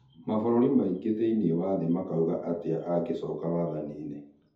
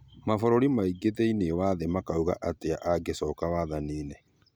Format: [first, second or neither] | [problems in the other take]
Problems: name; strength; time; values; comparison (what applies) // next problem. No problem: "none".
second | room echo; dies away in 0.5 s